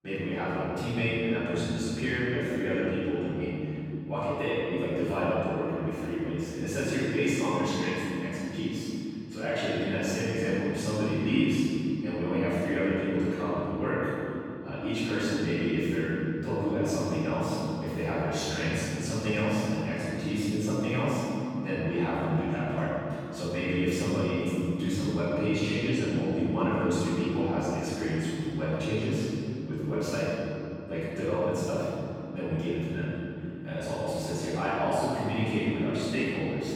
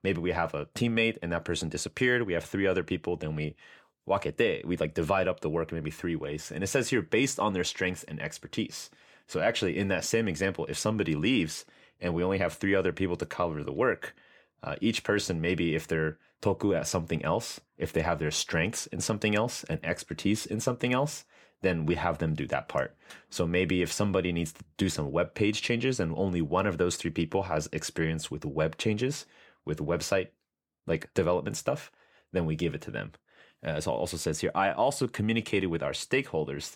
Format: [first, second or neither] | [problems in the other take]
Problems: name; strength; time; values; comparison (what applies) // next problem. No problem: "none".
second | room echo; strong; dies away in 3 s // off-mic speech; far